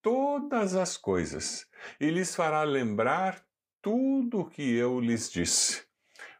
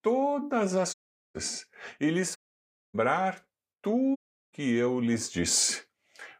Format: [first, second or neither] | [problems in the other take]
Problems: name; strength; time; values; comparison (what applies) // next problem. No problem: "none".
first | audio cutting out; at 1 s, at 2.5 s for 0.5 s and at 4 s